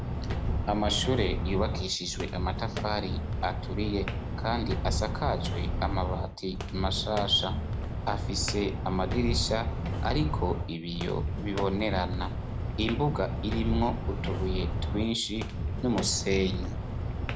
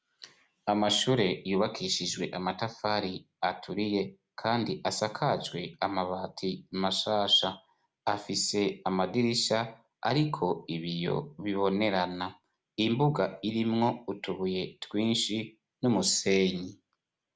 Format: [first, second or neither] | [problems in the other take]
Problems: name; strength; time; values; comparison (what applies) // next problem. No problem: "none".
second | background sound (Walk, footsteps); as loud as the speech